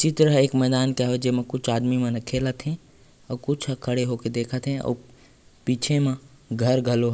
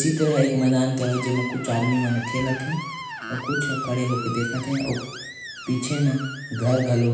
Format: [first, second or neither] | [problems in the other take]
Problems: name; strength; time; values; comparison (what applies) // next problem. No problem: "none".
first | background sound (Screech); 10 dB below the speech // room echo; dies away in 0.9 s